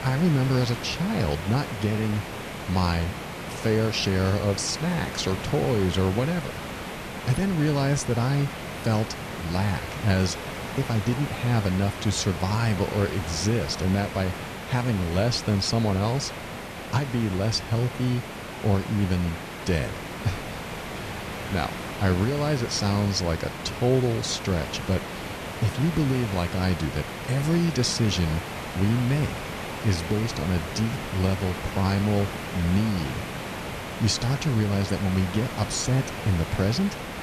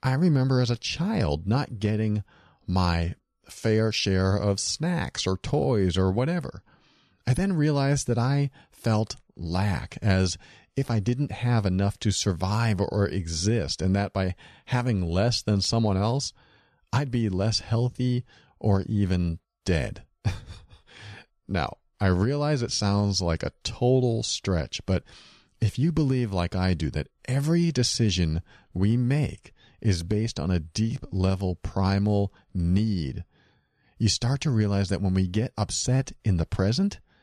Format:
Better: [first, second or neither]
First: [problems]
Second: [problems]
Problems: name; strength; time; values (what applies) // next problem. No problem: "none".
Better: second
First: hiss; loud; throughout; 8 dB below the speech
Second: none